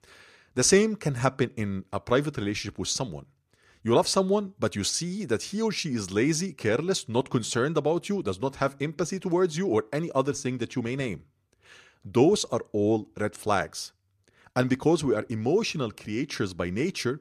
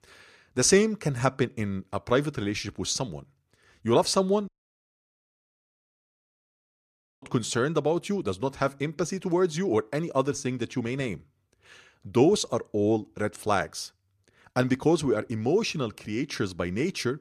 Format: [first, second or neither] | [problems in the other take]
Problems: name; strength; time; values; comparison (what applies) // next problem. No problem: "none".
first | audio cutting out; at 4.5 s for 2.5 s